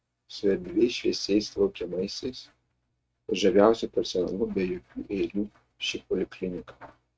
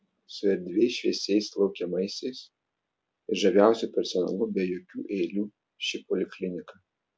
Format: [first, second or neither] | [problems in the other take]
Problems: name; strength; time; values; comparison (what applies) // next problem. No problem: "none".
second | noise reduction (neural mask model RNNoise)